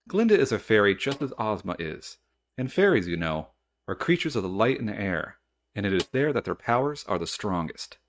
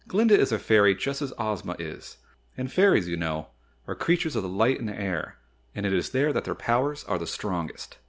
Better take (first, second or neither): second